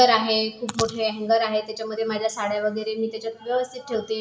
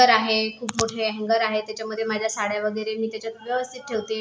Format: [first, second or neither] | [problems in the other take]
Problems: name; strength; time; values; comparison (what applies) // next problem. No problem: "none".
second | room echo; dies away in 0.5 s